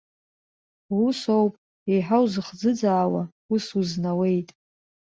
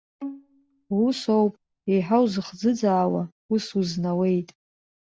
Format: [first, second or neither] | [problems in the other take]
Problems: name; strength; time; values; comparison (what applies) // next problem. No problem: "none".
first | background sound (Bowed string instrument); 19 dB below the speech